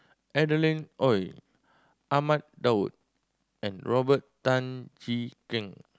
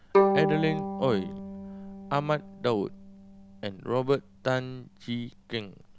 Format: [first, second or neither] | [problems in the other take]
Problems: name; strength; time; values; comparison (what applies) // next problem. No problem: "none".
first | background sound (Bowed string instrument); 1 dB below the speech